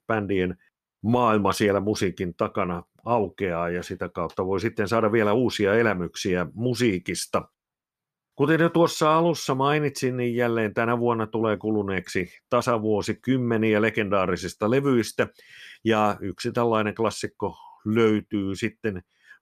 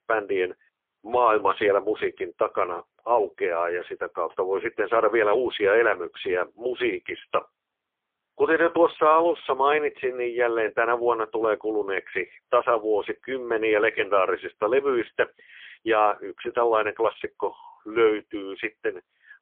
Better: first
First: none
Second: phone-call audio; poor line; nothing above 3.5 kHz

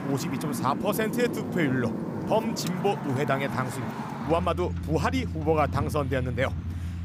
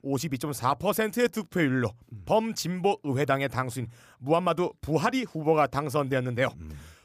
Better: second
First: traffic noise; loud; throughout; 4 dB below the speech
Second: none

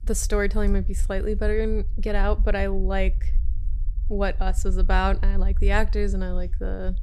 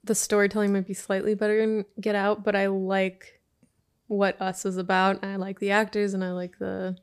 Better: second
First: low rumble; faint; throughout; 20 dB below the speech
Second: none

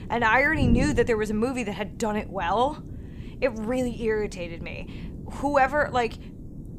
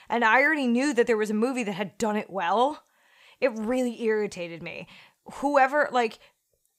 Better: second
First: wind noise on the microphone; occasional gusts; 20 dB below the speech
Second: none

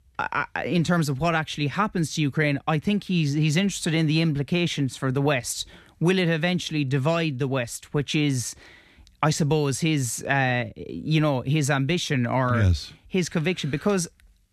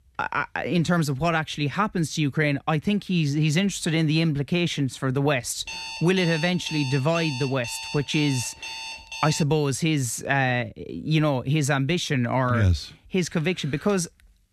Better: first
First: none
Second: alarm; noticeable; from 5.5 to 9.5 s; peak 8 dB below the speech

